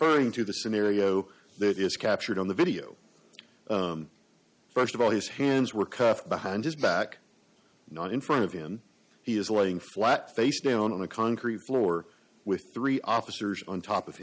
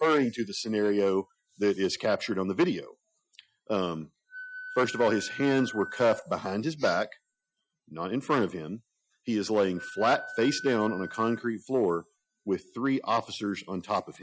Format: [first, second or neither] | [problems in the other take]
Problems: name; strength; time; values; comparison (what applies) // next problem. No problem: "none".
first | noise reduction (classical method Wiener filter)